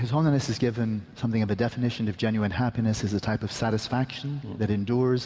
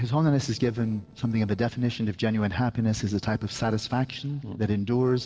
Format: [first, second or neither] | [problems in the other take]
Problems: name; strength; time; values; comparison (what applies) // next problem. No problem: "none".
first | noise reduction (neural separator model SepFormer DNS4)